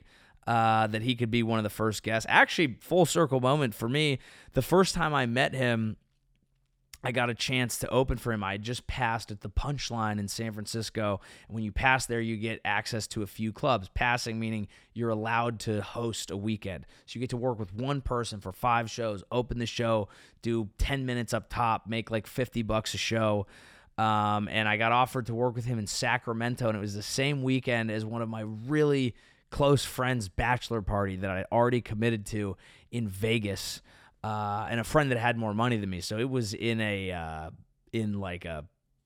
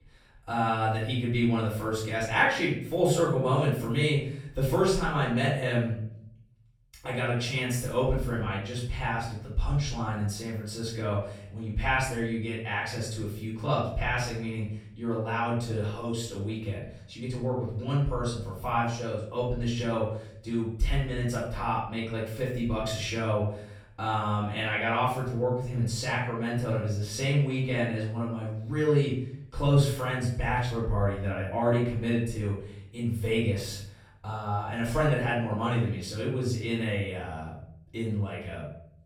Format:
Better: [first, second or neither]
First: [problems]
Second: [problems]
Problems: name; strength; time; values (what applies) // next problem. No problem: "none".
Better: first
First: none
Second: off-mic speech; far // room echo; noticeable; dies away in 0.6 s